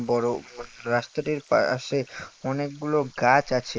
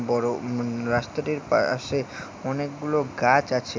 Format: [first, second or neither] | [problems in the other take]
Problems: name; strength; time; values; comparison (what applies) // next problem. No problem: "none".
second | noise reduction (neural mask model Resemble Enhance denoiser)